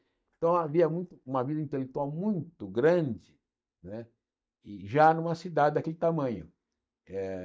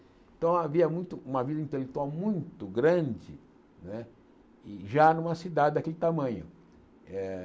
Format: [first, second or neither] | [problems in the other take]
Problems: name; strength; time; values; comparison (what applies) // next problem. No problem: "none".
second | noise reduction (neural mask model DeepFilterNet 3)